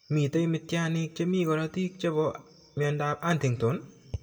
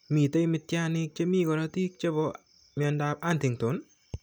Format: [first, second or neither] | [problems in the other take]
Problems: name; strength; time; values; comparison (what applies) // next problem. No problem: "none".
second | room echo; dies away in 0.5 s